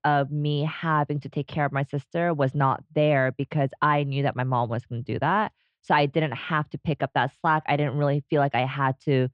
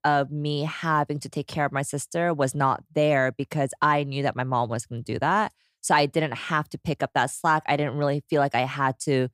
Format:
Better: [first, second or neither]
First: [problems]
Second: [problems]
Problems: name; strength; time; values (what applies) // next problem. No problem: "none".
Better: second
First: muffled; slightly; fading above 3 kHz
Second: none